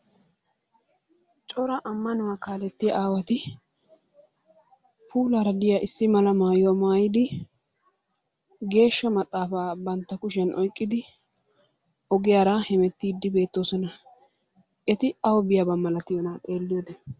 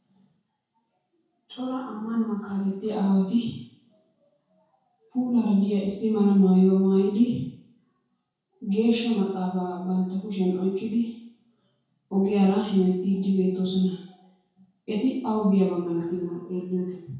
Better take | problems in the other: first | room echo; dies away in 0.6 s

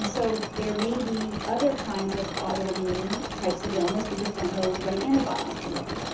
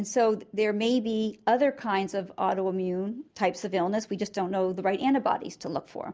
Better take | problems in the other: second | background sound (Mechanisms); 5 dB below the speech // room echo; dies away in 0.7 s

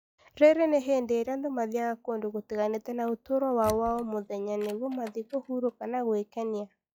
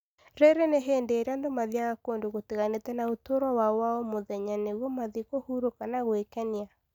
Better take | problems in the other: second | noise reduction (classical method log-MMSE)

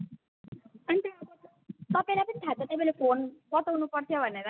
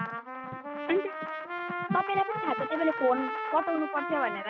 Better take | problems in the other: first | background sound (Trumpet); 4 dB below the speech

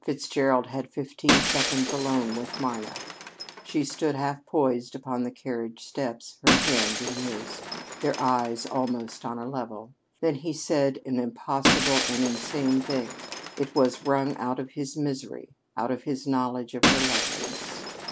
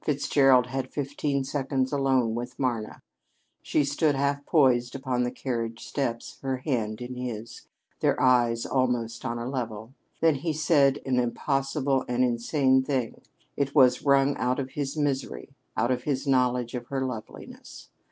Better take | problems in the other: second | background sound (Shatter); 3 dB below the speech

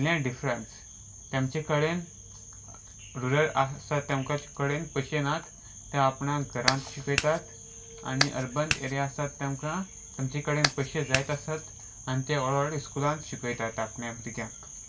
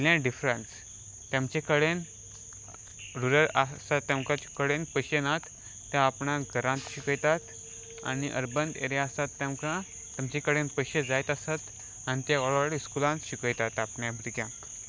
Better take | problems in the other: second | background sound (Clapping); 1 dB below the speech // room echo; dies away in 0.2 s

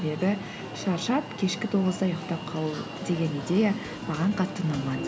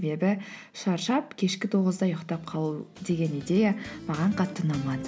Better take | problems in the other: second | background sound (Alarm); 10 dB below the speech

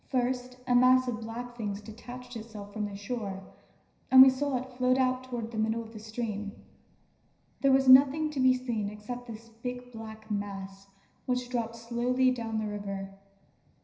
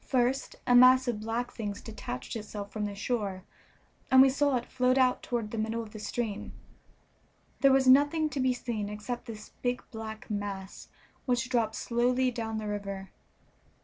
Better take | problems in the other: second | room echo; dies away in 0.9 s

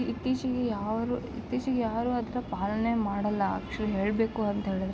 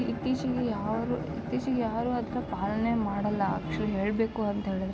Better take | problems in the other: first | background sound (Bowed string instrument); 9 dB below the speech

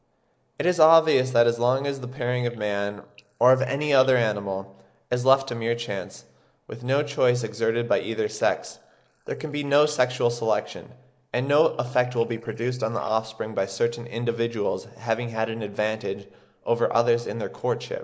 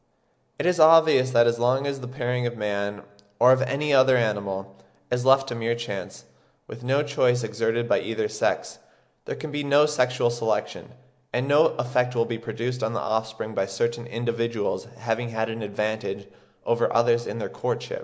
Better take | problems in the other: second | noise reduction (neural mask model Resemble Enhance denoiser)

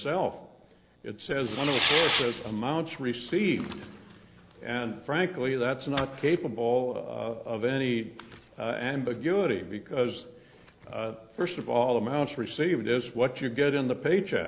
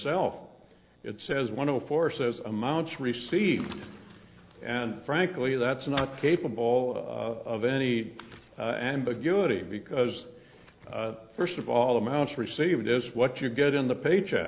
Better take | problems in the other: second | background sound (Fireworks); as loud as the speech

